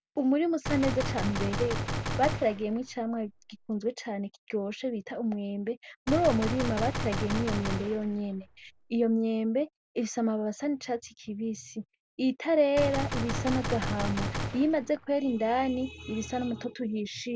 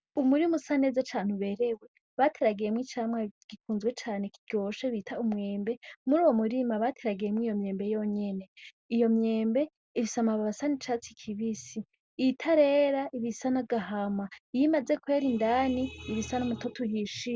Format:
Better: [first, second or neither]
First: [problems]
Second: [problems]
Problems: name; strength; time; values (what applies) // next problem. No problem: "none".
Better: second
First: background sound (Gunshot, gunfire); 4 dB below the speech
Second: none